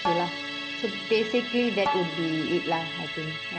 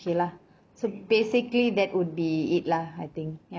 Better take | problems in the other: second | background sound (Bowed string instrument + Musical instrument); 4 dB below the speech

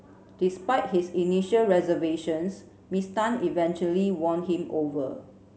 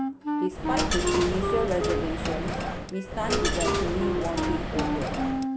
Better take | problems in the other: first | background sound (Coin (dropping) + Wind instrument, woodwind instrument); 4 dB above the speech

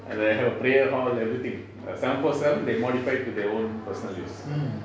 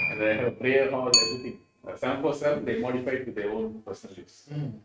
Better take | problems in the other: first | noise reduction (neural mask model RNNoise)

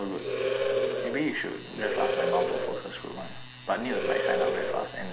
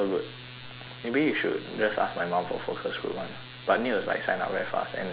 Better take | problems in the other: second | background sound (Animal); 3 dB above the speech // room echo; dies away in 0.5 s

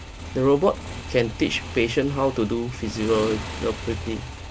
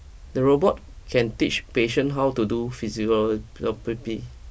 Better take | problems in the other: second | background sound (Motorcycle); 11 dB below the speech

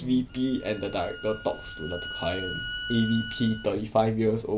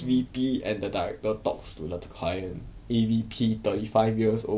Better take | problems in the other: second | background sound (Bowed string instrument); 11 dB below the speech

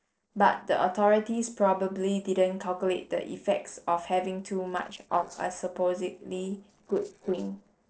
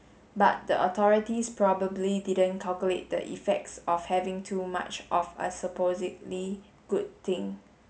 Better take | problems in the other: second | noise reduction (neural separator model SepFormer DNS4)

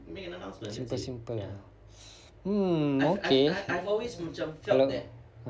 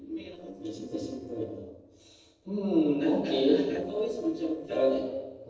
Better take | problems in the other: first | noise reduction (neural separator model SepFormer DNS4)

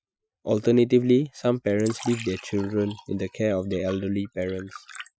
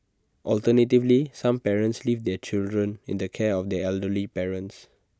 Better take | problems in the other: second | noise reduction (classical method Wiener filter)

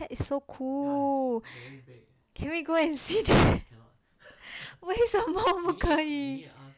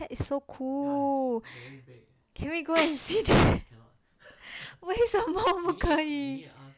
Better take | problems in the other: first | background sound (Tambourine); 10 dB below the speech

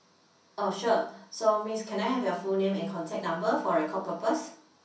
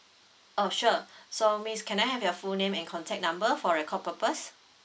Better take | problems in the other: second | room echo; dies away in 0.6 s

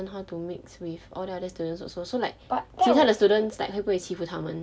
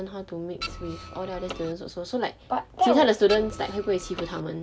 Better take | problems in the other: first | background sound (Printer); 12 dB below the speech

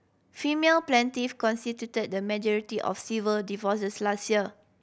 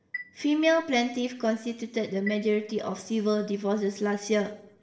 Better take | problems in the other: first | background sound (Chime); 19 dB below the speech // room echo; dies away in 0.7 s

